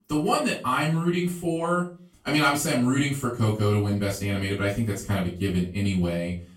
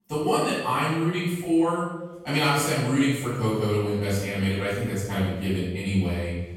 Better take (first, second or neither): first